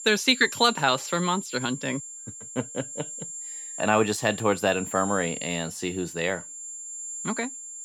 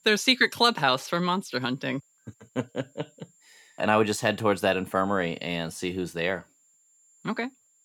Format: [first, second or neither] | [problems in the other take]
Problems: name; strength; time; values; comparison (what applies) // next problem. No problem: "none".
second | high-pitched whine; loud; throughout; 7.5 kHz, 10 dB below the speech; faint in the second